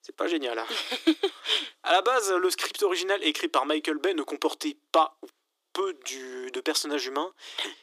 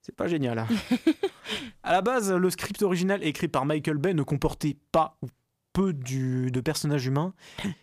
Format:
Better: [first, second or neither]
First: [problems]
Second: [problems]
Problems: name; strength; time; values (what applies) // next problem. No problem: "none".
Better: second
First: thin; very; fading below 300 Hz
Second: none